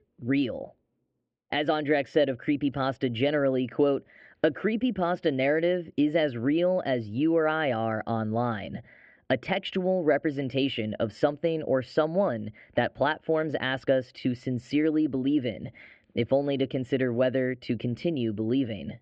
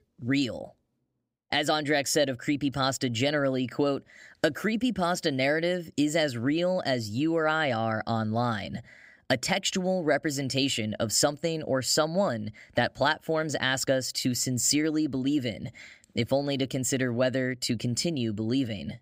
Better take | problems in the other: second | muffled; very; fading above 3 kHz

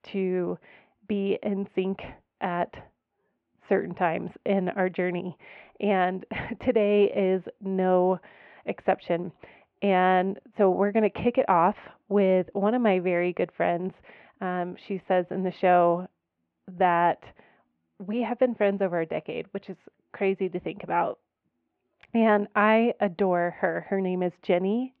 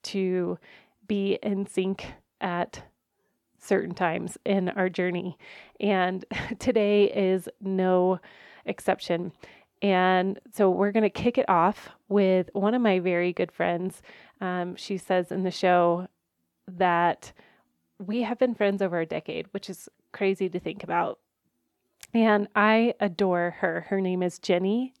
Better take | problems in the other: second | muffled; very; fading above 2.5 kHz

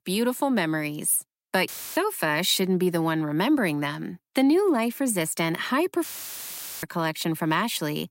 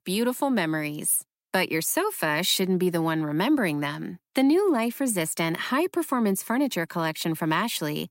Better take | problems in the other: second | audio cutting out; filled with static; at 1.5 s and at 6 s for 1 s

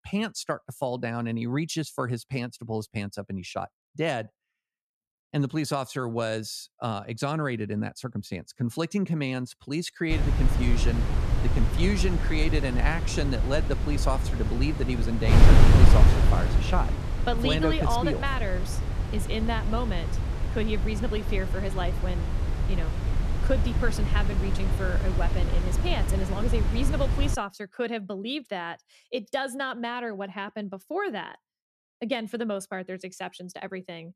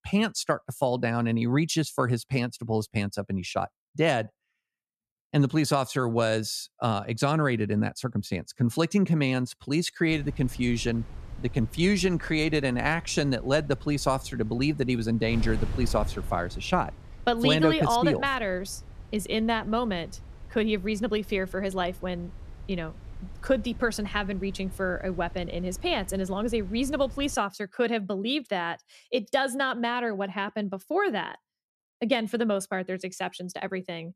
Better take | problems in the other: second | wind noise on the microphone; heavy; from 10 to 27 s; 4 dB below the speech; occasional gusts in the second

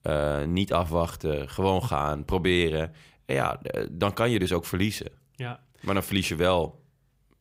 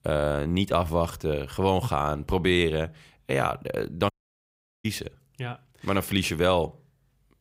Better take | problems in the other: first | audio cutting out; at 4 s for 0.5 s

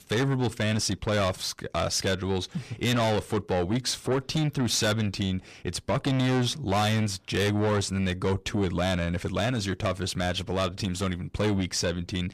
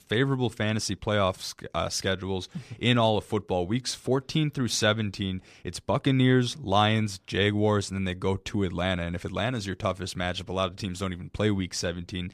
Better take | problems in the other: second | distortion; heavy; 7 dB below the speech

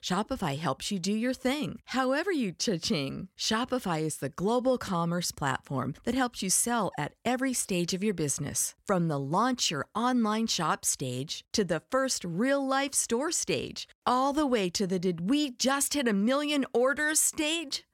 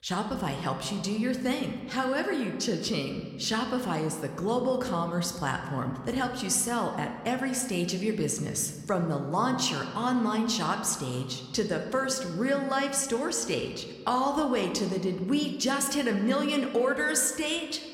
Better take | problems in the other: first | room echo; slight; dies away in 1.5 s

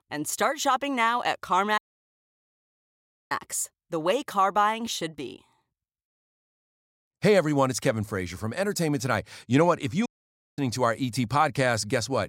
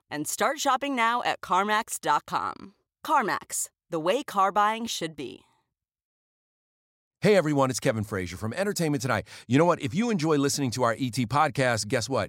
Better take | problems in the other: second | audio cutting out; at 2 s for 1.5 s and at 10 s for 0.5 s

